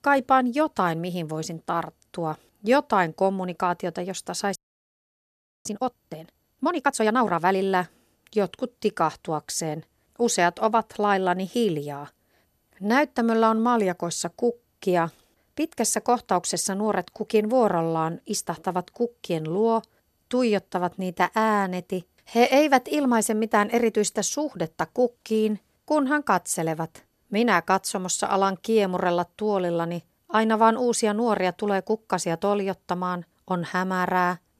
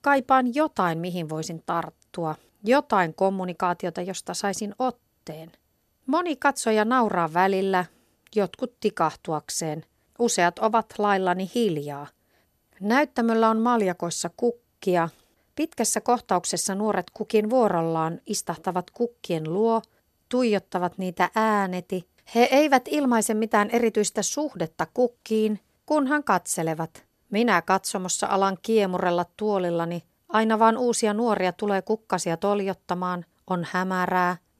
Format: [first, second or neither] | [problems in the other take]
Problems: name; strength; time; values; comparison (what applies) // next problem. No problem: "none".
second | audio freezing; at 4.5 s for 1 s